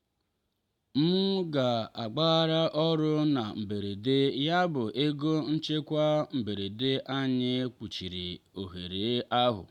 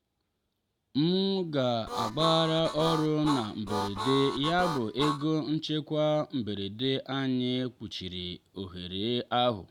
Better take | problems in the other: first | background sound (Harmonica); 5 dB below the speech

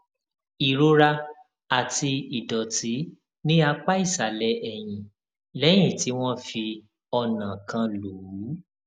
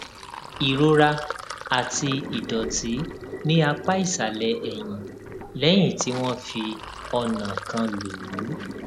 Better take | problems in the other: first | background sound (Sink (filling or washing)); 11 dB below the speech

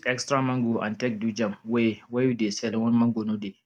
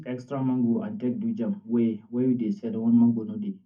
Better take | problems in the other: first | room echo; dies away in 0.3 s

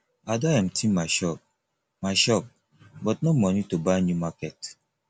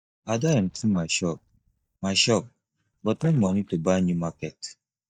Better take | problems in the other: first | noise reduction (neural mask model DeepFilterNet 3)

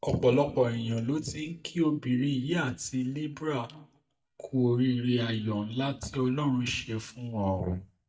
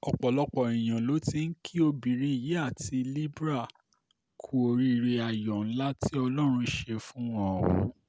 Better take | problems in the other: second | noise reduction (neural mask model DeepFilterNet 3)

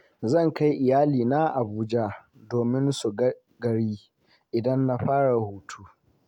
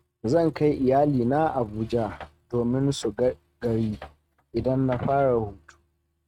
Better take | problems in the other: first | noise reduction (neural mask model RNNoise)

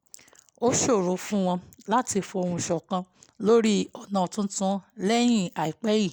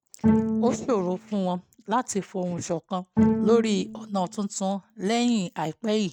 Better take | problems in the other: first | noise reduction (neural mask model RNNoise)

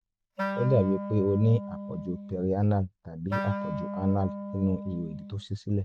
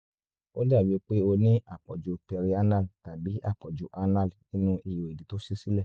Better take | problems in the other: second | background sound (Wind instrument, woodwind instrument); 8 dB below the speech

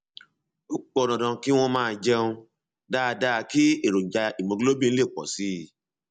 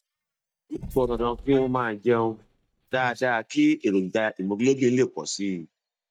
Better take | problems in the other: first | noise reduction (neural mask model DeepFilterNet 3)

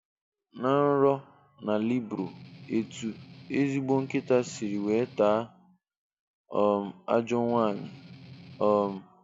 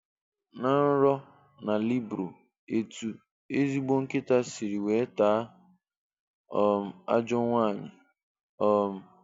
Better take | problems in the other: second | background sound (Strum); 19 dB below the speech

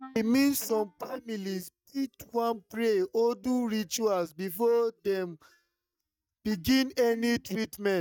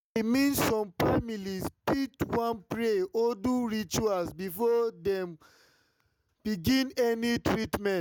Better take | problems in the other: second | noise reduction (neural mask model DeepFilterNet 3)

